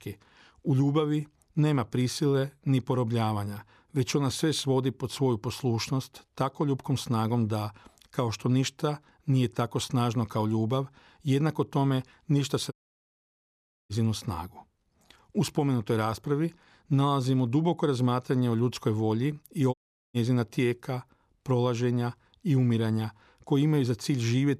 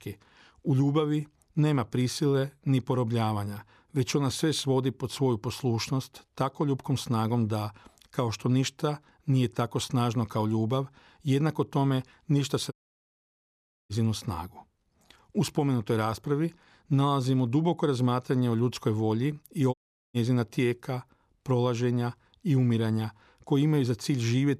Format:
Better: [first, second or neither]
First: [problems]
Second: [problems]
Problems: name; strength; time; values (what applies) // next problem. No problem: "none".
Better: neither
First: audio cutting out; at 13 s for 1 s and at 20 s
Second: audio cutting out; at 13 s for 1 s and at 20 s